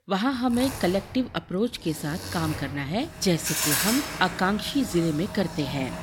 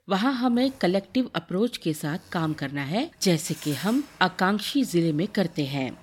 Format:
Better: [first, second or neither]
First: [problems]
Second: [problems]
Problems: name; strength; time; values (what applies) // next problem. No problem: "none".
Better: second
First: household noises; loud; throughout; 4 dB below the speech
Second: household noises; faint; throughout; 20 dB below the speech